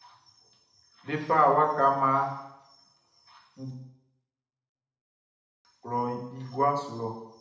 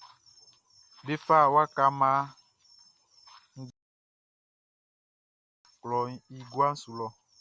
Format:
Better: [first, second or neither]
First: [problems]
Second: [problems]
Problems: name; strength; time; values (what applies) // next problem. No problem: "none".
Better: second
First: room echo; dies away in 0.8 s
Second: none